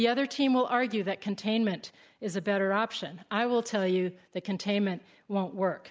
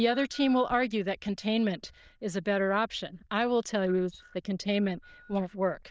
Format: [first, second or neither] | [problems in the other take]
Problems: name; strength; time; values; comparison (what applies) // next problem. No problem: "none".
first | noise reduction (neural diffusion model UNIVERSE++)